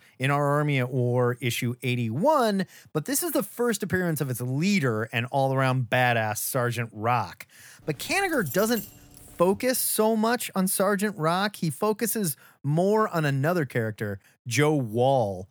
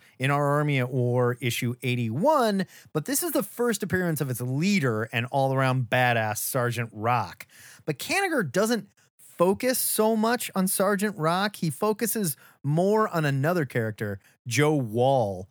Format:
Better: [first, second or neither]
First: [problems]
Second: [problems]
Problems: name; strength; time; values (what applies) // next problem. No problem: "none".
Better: second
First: jangling keys; noticeable; from 8 to 9.5 s; peak 10 dB below the speech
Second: none